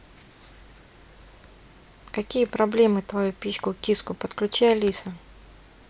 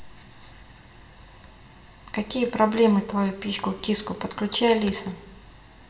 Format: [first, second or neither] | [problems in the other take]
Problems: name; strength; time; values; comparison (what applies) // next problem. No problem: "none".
first | room echo; dies away in 0.8 s